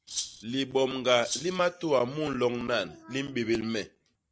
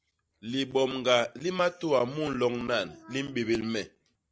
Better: second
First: background sound (Rattle (instrument)); 7 dB below the speech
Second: none

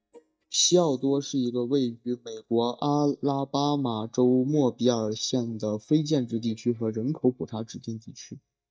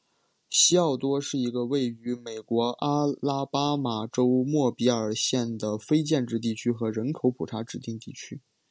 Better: second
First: noise reduction (neural mask model DeepFilterNet 3)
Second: none

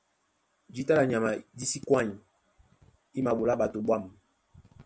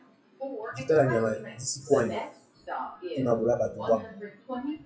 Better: first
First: none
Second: noise reduction (classical method WPE with log-MMSE)

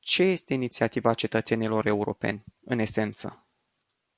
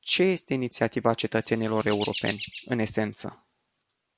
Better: first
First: none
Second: background sound (Chirp, tweet); 13 dB below the speech

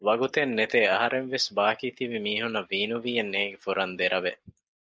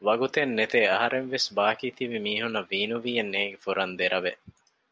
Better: second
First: noise reduction (neural mask model Resemble Enhance denoiser)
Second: none

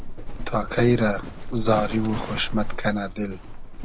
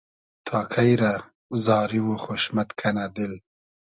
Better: second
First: background sound (Livestock, farm animals, working animals); 4 dB below the speech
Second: none

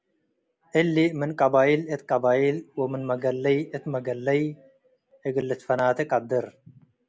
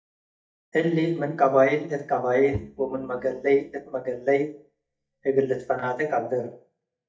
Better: first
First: none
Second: noise reduction (neural mask model DeepFilterNet 3)

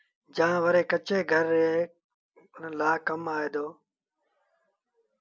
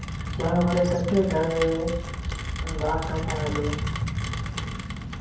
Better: first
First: none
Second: background sound (Rain); 2 dB below the speech // room echo; dies away in 0.9 s

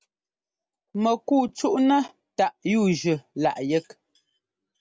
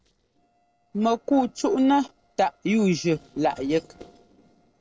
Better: first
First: none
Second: noise reduction (neural separator model SepFormer DNS4)

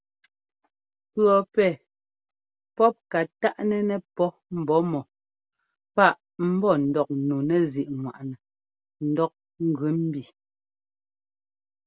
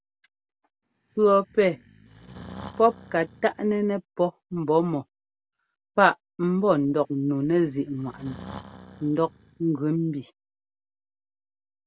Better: first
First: none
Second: background sound (Breathing); 19 dB below the speech

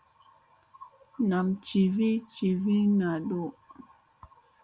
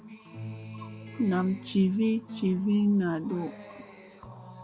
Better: first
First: none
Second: background sound (Acoustic guitar); 14 dB below the speech

